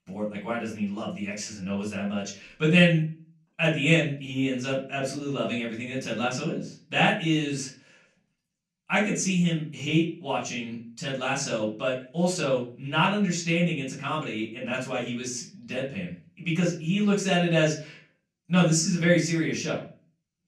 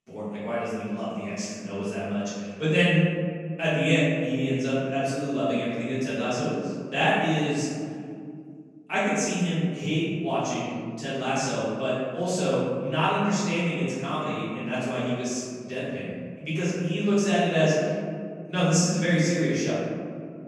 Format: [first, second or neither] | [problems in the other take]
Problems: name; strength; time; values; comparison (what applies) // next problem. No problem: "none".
first | room echo; strong; dies away in 2.1 s; slight in the first // off-mic speech; far; far in the first